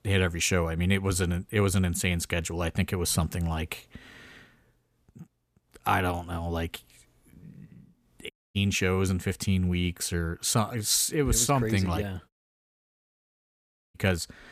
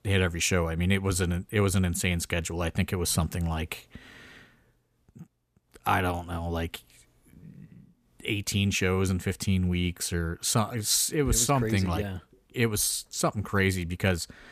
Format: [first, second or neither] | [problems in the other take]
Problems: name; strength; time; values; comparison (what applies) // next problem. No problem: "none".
second | audio cutting out; at 8.5 s and at 12 s for 1.5 s